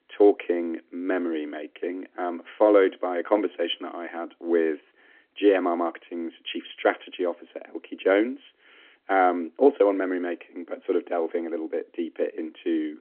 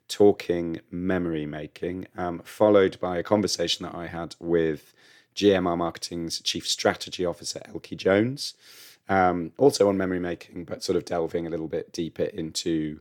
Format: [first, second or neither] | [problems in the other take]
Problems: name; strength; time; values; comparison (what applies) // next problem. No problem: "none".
second | phone-call audio; nothing above 3 kHz